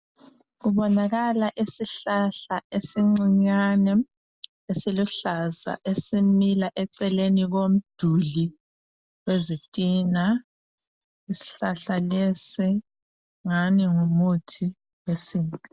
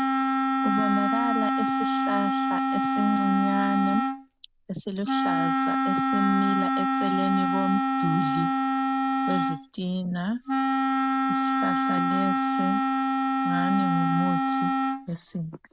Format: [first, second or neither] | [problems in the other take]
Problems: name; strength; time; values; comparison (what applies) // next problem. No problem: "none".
first | background sound (Wind instrument, woodwind instrument); 5 dB above the speech